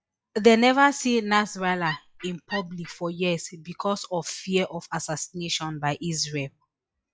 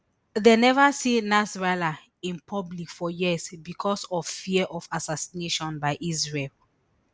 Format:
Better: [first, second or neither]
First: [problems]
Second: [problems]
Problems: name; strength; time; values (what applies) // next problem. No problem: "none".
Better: second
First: noise reduction (classical method log-MMSE)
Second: none